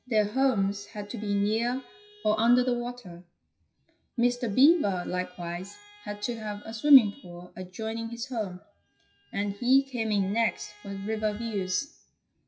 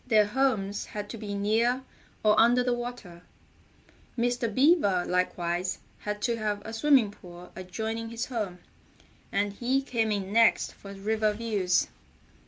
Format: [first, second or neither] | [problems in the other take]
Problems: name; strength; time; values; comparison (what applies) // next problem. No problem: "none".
second | noise reduction (classical method WPE with log-MMSE)